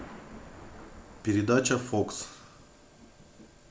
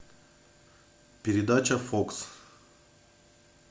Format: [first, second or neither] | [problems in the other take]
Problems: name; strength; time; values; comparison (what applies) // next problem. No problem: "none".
second | background sound (Thunder); 17 dB below the speech